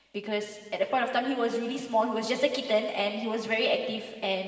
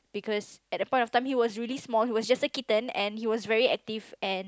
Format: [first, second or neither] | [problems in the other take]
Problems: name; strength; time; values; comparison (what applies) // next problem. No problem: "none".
second | room echo; dies away in 2.3 s